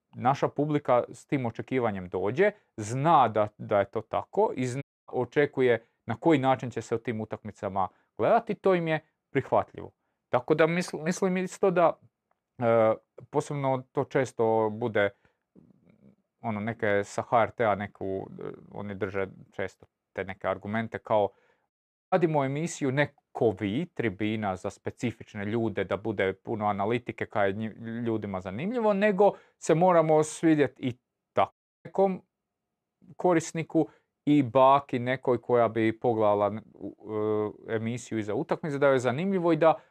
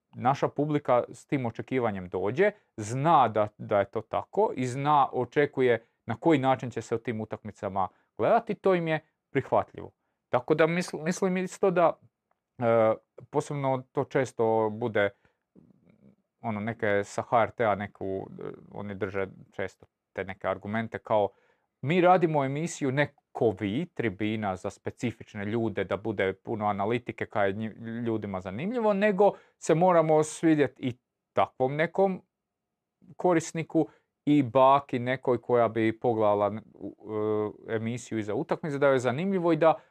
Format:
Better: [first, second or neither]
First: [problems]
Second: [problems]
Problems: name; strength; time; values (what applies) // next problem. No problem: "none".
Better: second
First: audio cutting out; at 5 s, at 22 s and at 32 s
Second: none